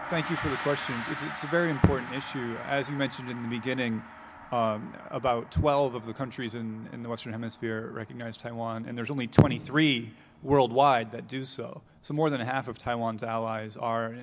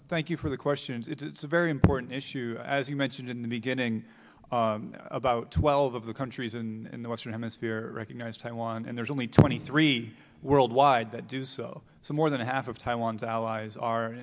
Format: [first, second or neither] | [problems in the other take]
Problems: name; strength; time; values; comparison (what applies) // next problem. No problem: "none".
second | background sound (Gong); 14 dB below the speech